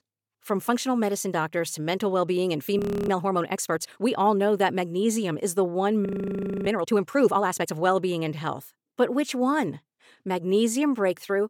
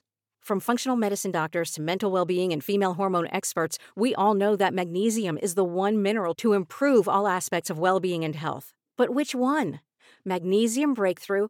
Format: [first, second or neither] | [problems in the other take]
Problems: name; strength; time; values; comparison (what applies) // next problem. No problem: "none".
second | audio freezing; at 3 s and at 6 s for 0.5 s